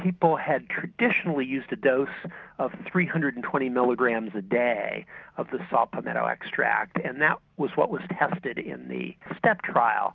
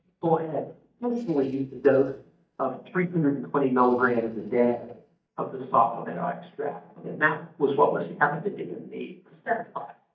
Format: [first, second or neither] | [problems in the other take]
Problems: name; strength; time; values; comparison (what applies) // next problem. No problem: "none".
first | noise reduction (neural mask model DeepFilterNet 3)